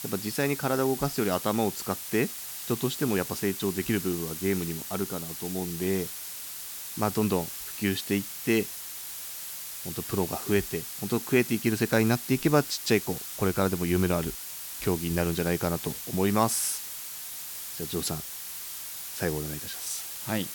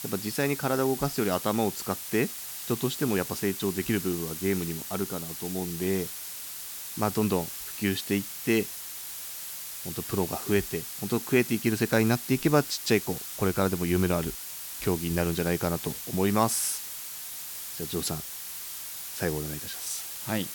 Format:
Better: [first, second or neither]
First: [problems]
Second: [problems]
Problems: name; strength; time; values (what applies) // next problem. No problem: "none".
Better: neither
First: hiss; loud; throughout; 6 dB below the speech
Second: hiss; loud; throughout; 6 dB below the speech